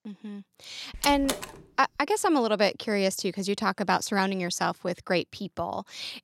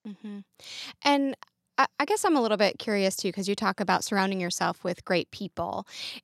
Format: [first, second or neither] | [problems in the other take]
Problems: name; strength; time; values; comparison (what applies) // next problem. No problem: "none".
second | door banging; noticeable; at 1 s; peak 4 dB below the speech